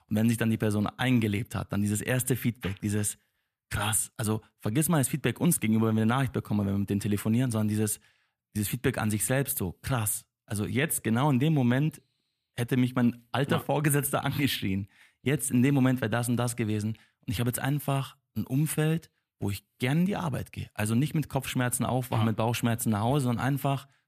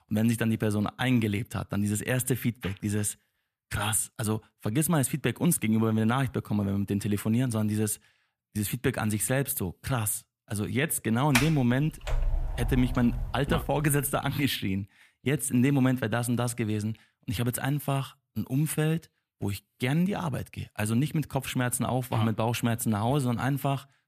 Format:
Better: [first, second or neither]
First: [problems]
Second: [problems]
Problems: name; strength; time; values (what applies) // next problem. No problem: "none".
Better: first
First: none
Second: door banging; loud; from 11 to 14 s; peak level with the speech